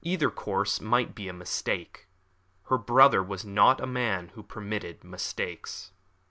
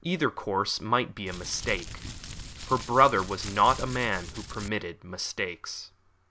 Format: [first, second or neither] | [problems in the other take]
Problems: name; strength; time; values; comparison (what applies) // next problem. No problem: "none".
first | background sound (Crumpling, crinkling); 10 dB below the speech